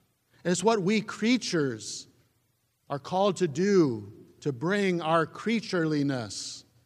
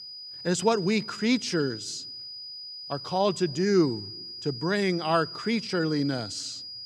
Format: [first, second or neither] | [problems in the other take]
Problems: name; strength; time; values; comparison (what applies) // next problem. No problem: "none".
first | high-pitched whine; noticeable; throughout; 5 kHz, 10 dB below the speech